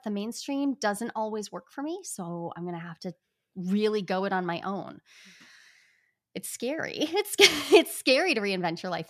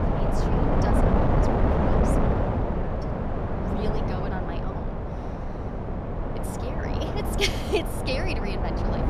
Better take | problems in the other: first | wind noise on the microphone; heavy; 3 dB above the speech

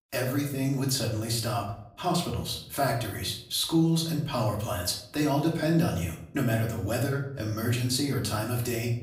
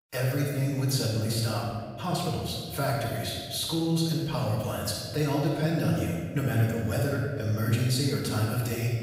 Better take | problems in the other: first | room echo; strong; dies away in 1.8 s; slight in the first // off-mic speech; far; far in the first

